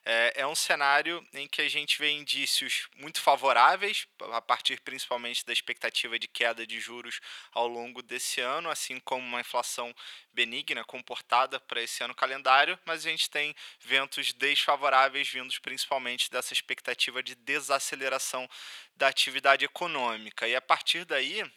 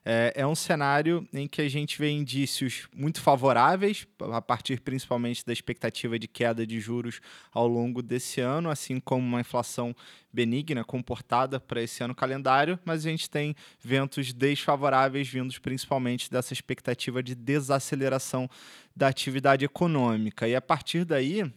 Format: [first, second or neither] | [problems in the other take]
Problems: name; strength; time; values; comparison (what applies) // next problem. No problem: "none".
second | thin; very; fading below 800 Hz